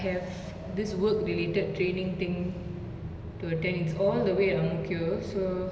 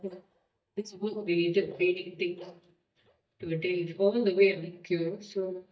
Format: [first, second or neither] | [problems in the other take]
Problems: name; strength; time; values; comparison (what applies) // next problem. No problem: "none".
first | noise reduction (neural mask model DeepFilterNet 3)